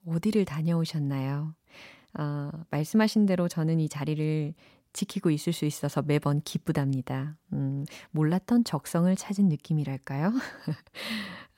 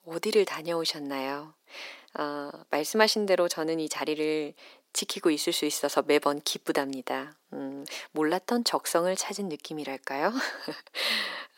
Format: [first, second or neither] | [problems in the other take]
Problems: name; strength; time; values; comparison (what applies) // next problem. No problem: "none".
first | thin; very; fading below 350 Hz